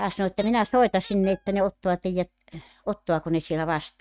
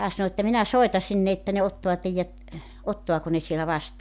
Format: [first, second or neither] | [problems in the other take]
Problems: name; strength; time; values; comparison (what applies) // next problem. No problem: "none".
second | noise reduction (neural mask model RNNoise)